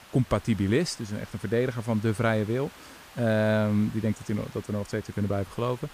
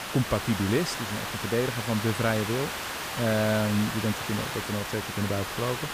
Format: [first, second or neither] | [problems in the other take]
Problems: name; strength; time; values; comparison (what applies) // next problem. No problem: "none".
first | hiss; loud; throughout; 3 dB below the speech; faint in the first